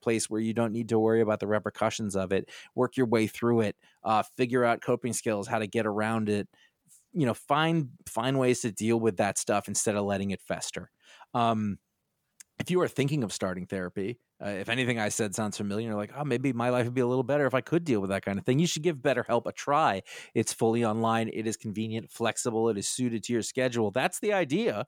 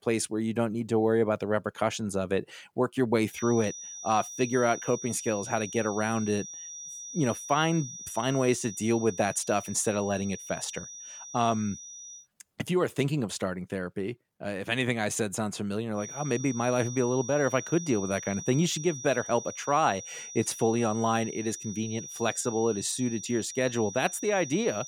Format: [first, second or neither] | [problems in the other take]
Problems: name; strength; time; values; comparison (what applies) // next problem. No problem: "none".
first | high-pitched whine; noticeable; from 3.5 to 12 s and from 16 s on; 6 kHz, 10 dB below the speech